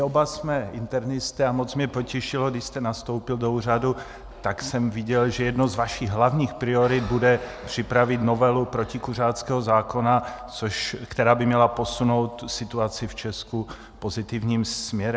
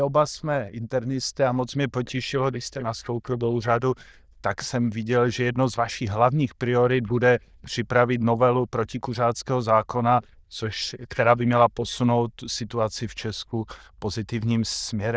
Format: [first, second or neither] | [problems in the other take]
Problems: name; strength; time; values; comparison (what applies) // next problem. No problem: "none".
first | noise reduction (neural diffusion model UNIVERSE++)